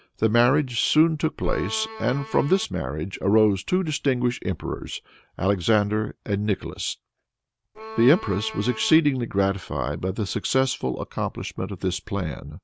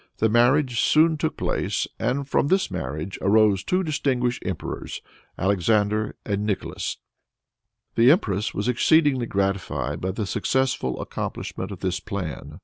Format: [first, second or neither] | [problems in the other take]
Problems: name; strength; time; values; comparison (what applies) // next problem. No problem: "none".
second | background sound (Bowed string instrument); 13 dB below the speech